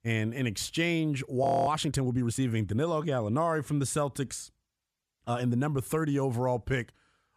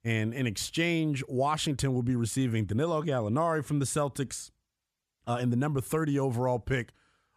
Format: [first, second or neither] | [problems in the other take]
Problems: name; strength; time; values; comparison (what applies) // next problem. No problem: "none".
second | audio freezing; at 1.5 s